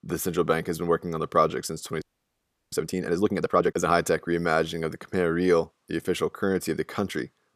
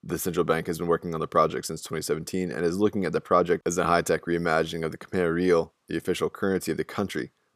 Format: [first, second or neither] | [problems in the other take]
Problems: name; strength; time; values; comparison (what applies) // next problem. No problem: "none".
second | audio freezing; at 2 s for 0.5 s